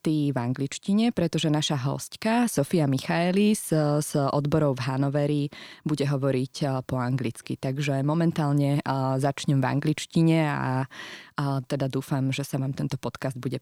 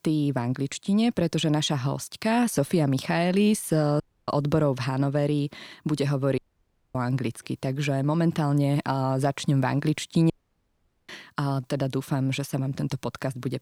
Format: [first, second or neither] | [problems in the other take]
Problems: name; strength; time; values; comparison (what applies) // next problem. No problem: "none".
first | audio cutting out; at 4 s, at 6.5 s for 0.5 s and at 10 s for 1 s